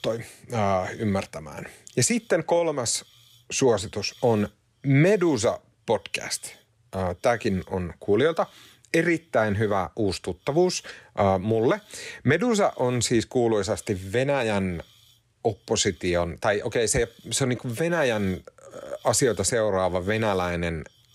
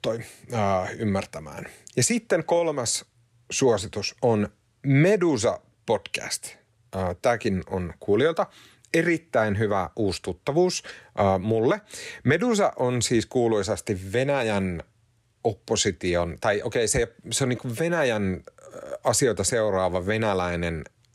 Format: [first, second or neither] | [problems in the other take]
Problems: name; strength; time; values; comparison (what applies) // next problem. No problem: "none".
second | hiss; faint; throughout; 30 dB below the speech